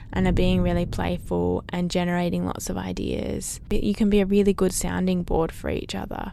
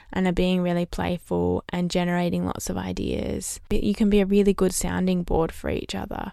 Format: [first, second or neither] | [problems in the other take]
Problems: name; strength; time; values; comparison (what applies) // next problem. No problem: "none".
second | wind noise on the microphone; occasional gusts; 20 dB below the speech